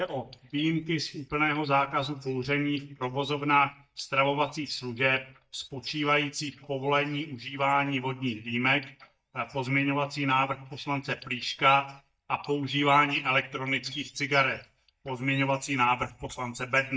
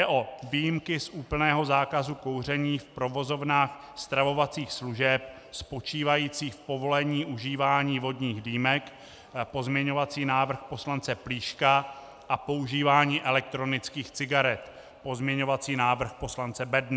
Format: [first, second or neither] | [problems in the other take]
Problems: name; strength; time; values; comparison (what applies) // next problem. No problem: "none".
second | noise reduction (neural mask model DeepFilterNet 3)